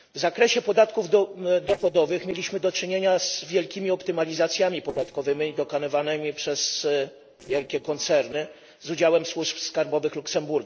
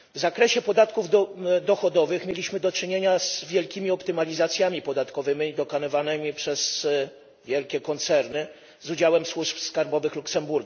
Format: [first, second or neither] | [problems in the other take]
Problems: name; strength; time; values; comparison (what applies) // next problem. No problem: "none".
second | noise reduction (neural separator model SepFormer DNS4)